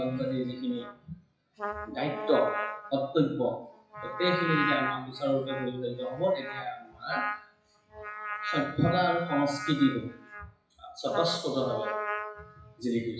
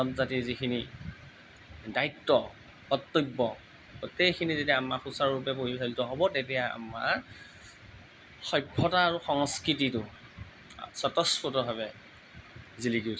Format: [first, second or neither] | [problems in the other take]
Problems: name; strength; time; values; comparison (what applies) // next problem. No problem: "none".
second | noise reduction (classical method WPE with log-MMSE)